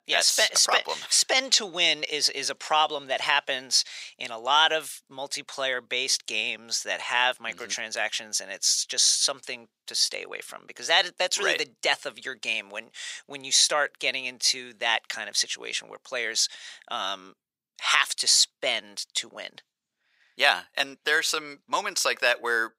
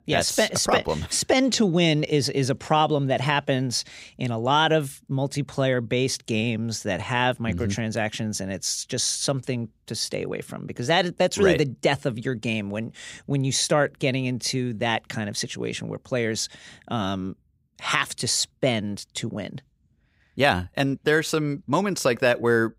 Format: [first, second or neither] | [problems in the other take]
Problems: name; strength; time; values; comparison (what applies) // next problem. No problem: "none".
second | thin; very; fading below 850 Hz